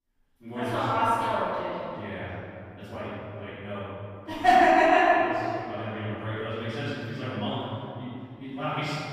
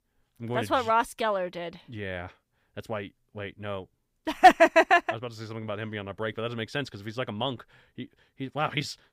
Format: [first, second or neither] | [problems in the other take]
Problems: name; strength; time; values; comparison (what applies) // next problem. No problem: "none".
second | off-mic speech; far // room echo; strong; dies away in 2.6 s